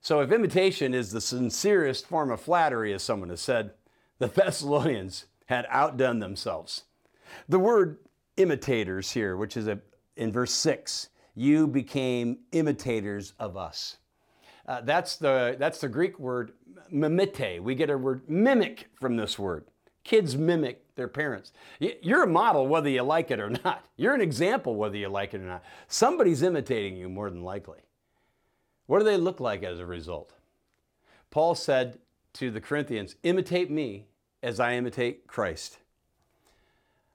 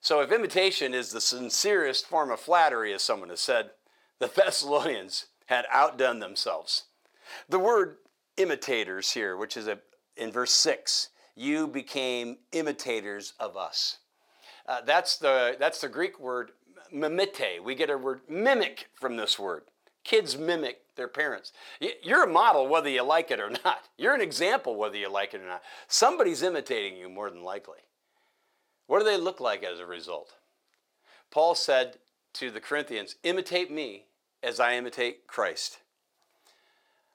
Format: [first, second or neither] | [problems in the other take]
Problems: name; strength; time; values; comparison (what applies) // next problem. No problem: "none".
first | thin; somewhat; fading below 500 Hz